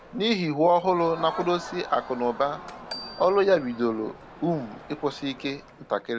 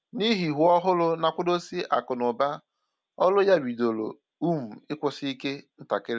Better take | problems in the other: second | background sound (Marimba, xylophone + Crowd); 15 dB below the speech

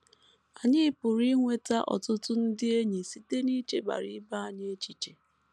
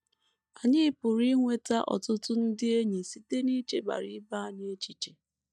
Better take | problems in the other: first | noise reduction (neural mask model DeepFilterNet 3)

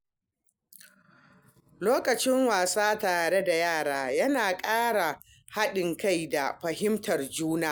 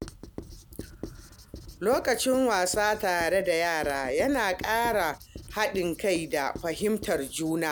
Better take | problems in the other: first | background sound (Writing); 16 dB below the speech

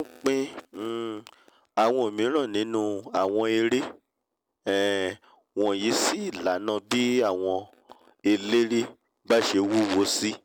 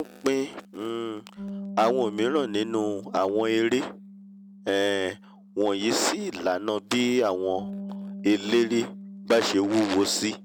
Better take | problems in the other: first | background sound (Bass guitar); 15 dB below the speech

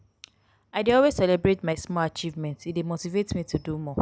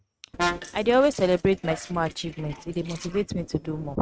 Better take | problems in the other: first | noise reduction (neural mask model RNNoise)

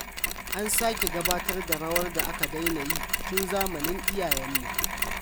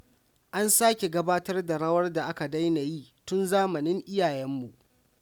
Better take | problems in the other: second | background sound (Mechanisms); 2 dB above the speech

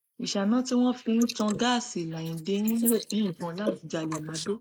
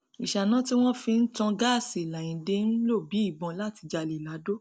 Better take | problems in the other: second | noise reduction (neural mask model Resemble Enhance denoiser)

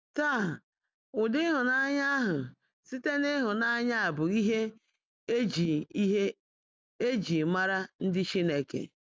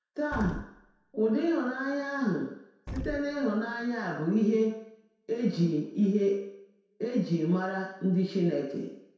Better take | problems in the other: first | background sound (Explosion); 12 dB below the speech // room echo; dies away in 0.7 s

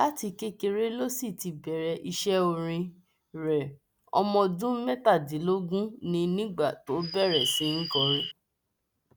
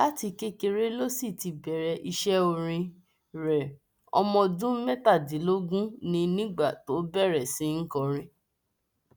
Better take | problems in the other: second | background sound (Bird); 2 dB below the speech

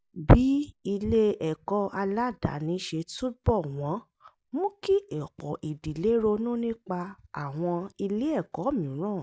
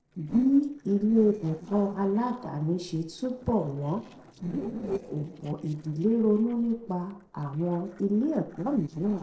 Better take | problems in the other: first | noise reduction (neural separator model SepFormer DNS4)

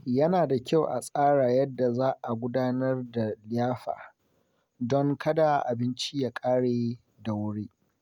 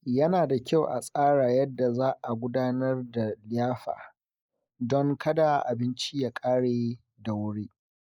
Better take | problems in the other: first | noise reduction (neural mask model Resemble Enhance denoiser)

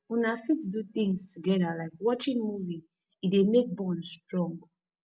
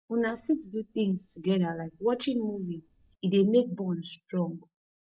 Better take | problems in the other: first | noise reduction (neural mask model DeepFilterNet 3)

